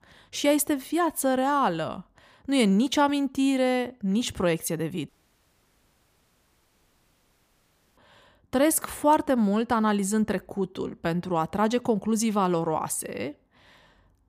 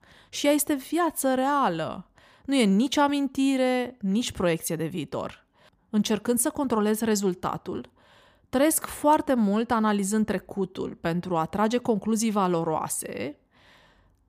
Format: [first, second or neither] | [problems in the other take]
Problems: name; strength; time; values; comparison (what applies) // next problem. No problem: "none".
second | audio cutting out; at 5 s for 3 s